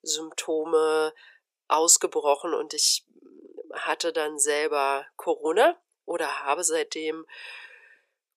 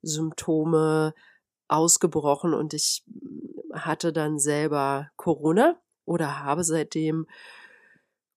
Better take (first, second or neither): second